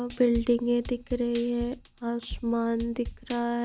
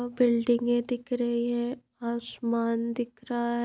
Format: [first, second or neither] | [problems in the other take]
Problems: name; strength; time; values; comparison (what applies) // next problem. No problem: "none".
second | background sound (Drum kit); 14 dB below the speech